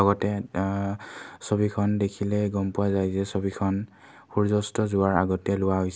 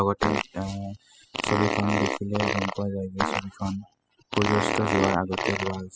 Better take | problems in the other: first | noise reduction (classical method spectral subtraction)

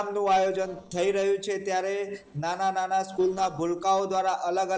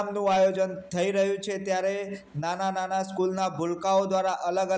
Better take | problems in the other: second | noise reduction (neural separator model SepFormer DNS4)

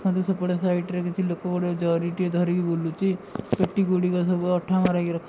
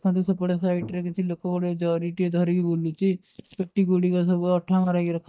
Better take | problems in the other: first | noise reduction (neural mask model DeepFilterNet 3)

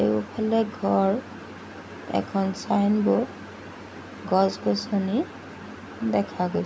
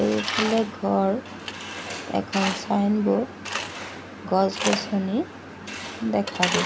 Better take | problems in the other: first | background sound (Tools); 7 dB below the speech

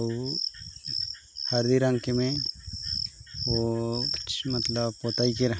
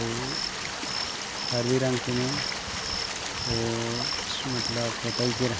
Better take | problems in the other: first | background sound (Stream); 3 dB below the speech

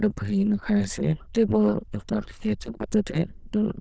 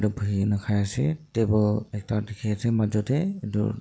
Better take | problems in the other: second | noise reduction (neural diffusion model UNIVERSE++)

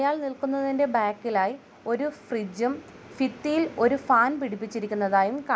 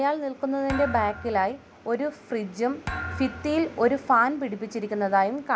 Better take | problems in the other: first | background sound (Thump, thud); 12 dB below the speech

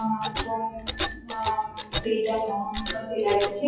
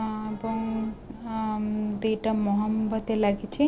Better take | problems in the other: second | noise reduction (classical method WPE with log-MMSE)

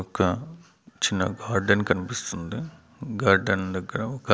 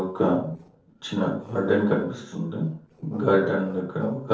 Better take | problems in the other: first | noise reduction (neural separator model SepFormer DNS4)

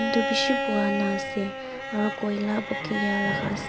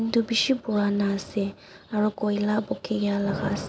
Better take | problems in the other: second | background sound (Bowed string instrument); 2 dB below the speech

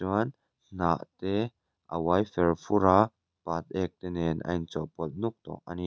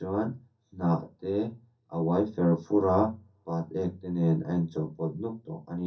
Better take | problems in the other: first | room echo; dies away in 0.3 s

